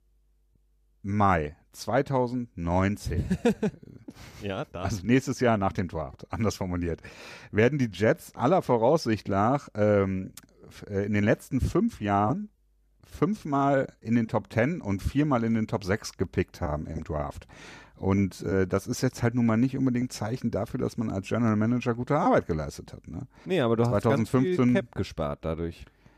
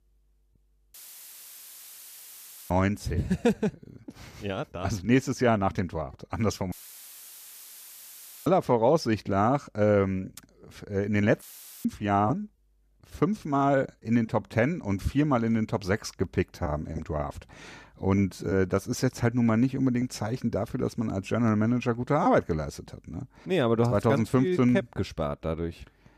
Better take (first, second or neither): first